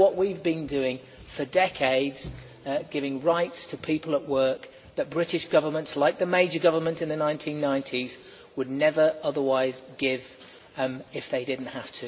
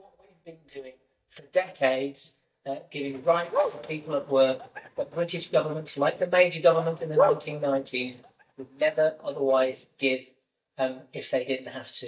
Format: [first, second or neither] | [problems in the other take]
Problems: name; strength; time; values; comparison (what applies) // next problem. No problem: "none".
first | noise reduction (neural mask model DeepFilterNet 3)